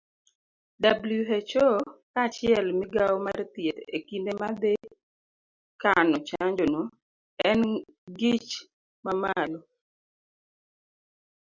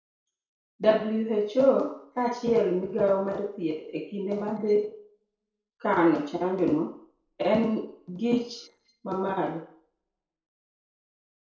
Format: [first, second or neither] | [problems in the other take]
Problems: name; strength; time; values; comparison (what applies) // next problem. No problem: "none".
first | noise reduction (neural separator model SepFormer DNS4)